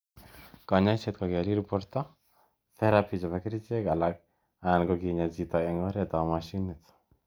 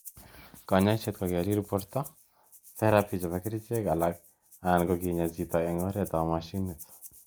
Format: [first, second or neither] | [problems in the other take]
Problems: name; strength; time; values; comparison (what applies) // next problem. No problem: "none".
first | background sound (Rattle (instrument)); 20 dB below the speech